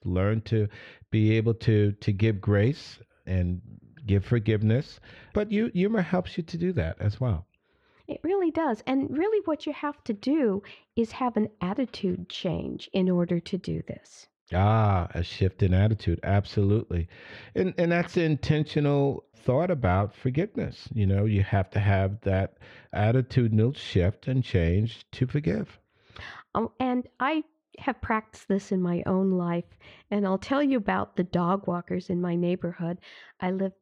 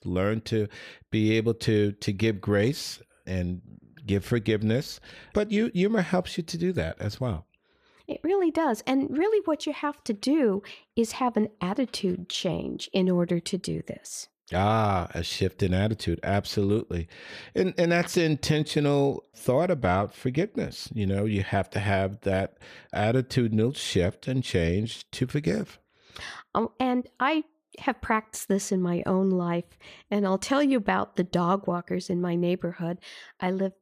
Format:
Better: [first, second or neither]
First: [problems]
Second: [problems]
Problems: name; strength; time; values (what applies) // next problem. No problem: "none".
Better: second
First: muffled; slightly; fading above 3.5 kHz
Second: none